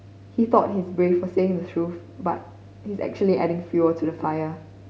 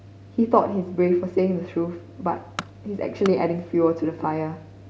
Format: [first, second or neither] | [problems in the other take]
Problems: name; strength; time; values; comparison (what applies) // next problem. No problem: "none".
first | background sound (Tools); 16 dB below the speech